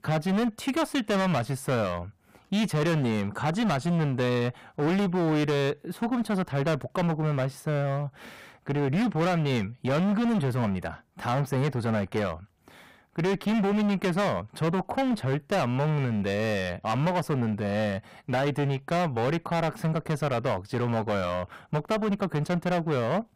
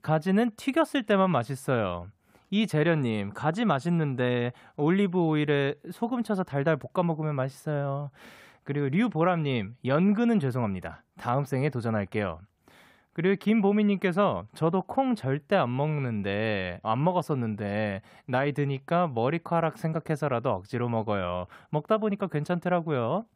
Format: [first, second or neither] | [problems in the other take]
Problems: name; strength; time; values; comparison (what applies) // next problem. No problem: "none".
second | distortion; heavy; 21% of the sound clipped